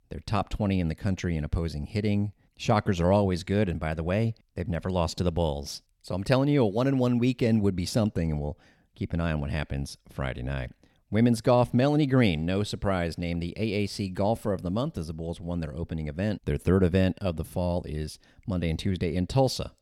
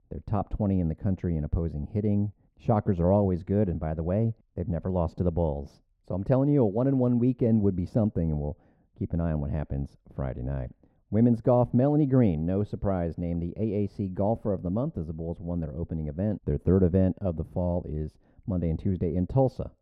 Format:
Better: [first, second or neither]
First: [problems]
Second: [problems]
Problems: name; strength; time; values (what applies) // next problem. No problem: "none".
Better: first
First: none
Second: muffled; very; fading above 1.5 kHz